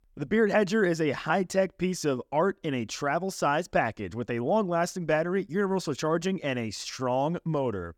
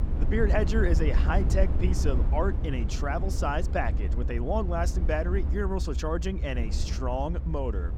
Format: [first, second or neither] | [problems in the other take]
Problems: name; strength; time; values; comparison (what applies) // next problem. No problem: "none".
first | low rumble; noticeable; throughout; 10 dB below the speech